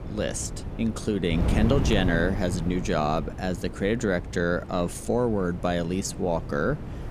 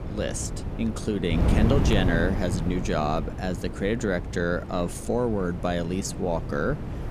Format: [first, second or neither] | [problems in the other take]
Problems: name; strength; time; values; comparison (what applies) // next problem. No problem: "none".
first | wind noise on the microphone; heavy; 8 dB below the speech; occasional gusts in the first